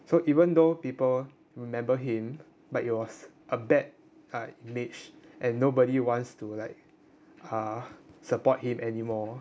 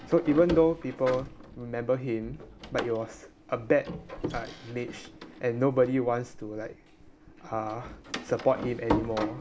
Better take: first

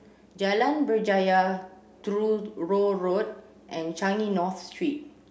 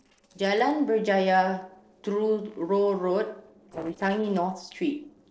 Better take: first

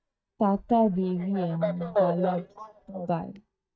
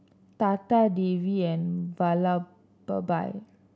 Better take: second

